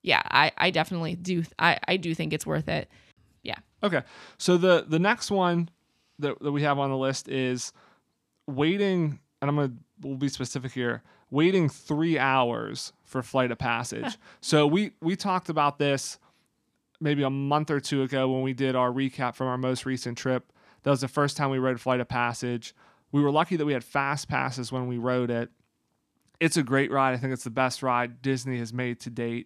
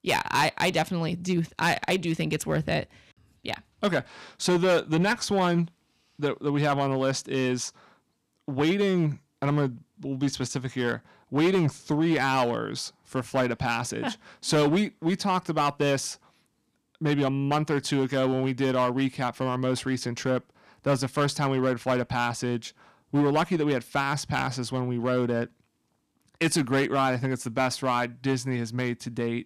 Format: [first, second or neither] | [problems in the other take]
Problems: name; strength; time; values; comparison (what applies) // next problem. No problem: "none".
first | distortion; slight; 5% of the sound clipped